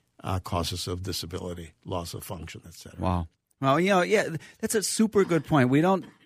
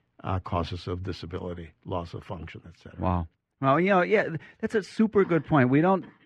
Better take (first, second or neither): first